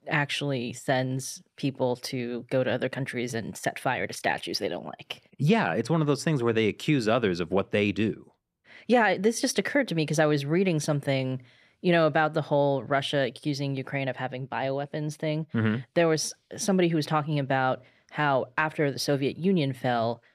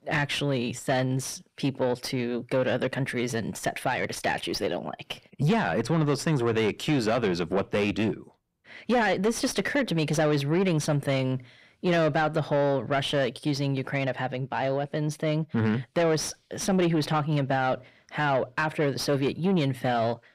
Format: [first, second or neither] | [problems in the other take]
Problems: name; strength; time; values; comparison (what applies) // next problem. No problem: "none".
first | distortion; slight; 10 dB below the speech